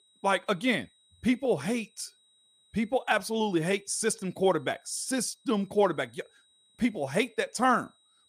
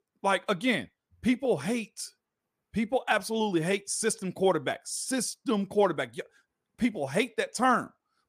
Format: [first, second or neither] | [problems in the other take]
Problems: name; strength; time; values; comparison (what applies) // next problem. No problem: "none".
second | high-pitched whine; faint; throughout; 4 kHz, 35 dB below the speech